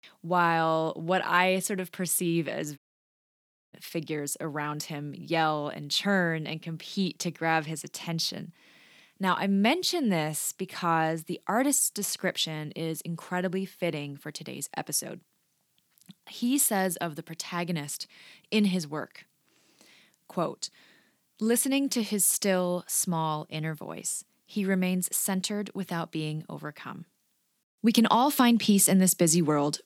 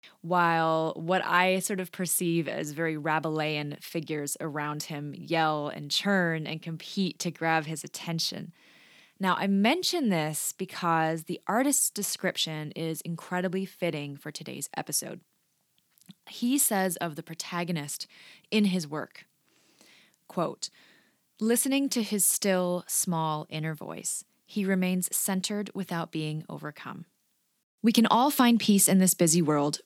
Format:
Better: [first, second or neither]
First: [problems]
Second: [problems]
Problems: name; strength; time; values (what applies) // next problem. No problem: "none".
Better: second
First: audio cutting out; at 3 s for 1 s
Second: none